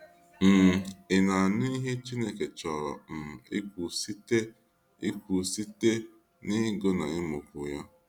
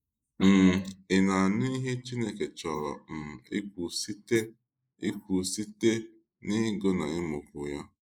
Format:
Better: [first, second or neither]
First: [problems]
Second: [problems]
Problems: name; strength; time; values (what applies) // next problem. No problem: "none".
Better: first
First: none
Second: noise reduction (neural mask model Resemble Enhance denoiser)